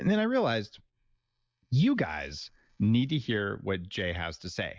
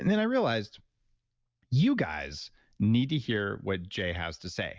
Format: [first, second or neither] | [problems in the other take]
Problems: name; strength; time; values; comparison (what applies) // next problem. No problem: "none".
second | noise reduction (neural mask model Resemble Enhance denoiser)